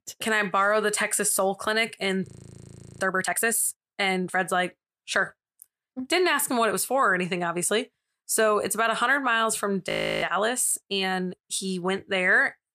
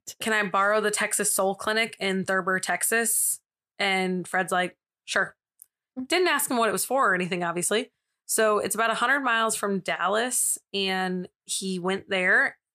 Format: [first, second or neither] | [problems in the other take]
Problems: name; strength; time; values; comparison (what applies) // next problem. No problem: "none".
second | audio freezing; at 2.5 s for 0.5 s and at 10 s